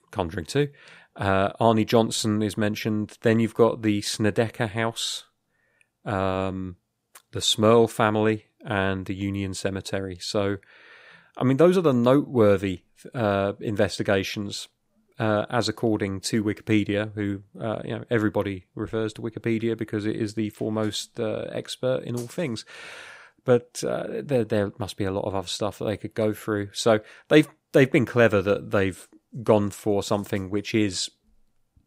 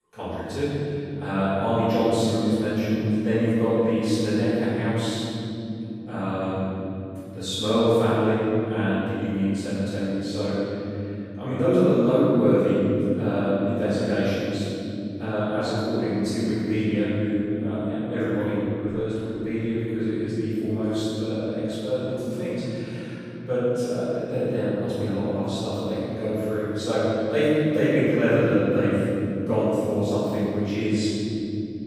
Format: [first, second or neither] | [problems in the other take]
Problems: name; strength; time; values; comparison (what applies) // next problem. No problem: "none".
first | room echo; strong; dies away in 3 s // off-mic speech; far